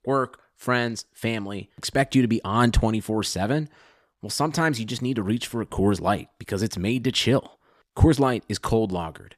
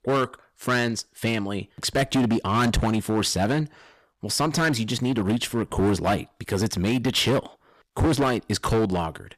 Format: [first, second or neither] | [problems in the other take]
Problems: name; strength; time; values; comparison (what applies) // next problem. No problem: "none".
first | distortion; heavy; 12% of the sound clipped